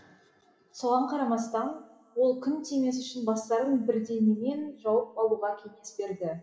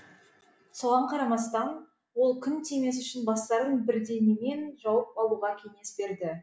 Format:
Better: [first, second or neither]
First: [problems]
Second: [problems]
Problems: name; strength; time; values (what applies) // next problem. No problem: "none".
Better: second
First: room echo; dies away in 1.4 s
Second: none